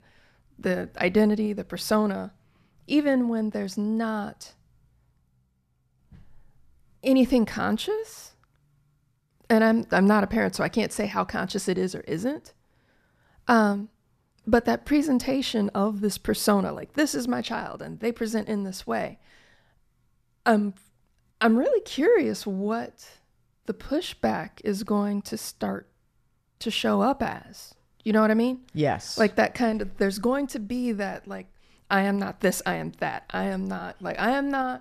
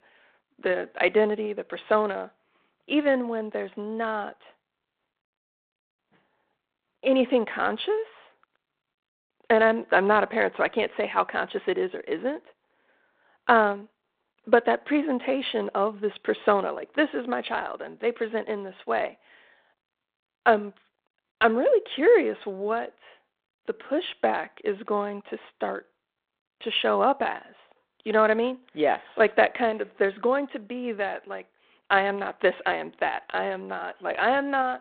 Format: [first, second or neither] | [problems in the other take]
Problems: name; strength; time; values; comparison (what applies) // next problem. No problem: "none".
first | phone-call audio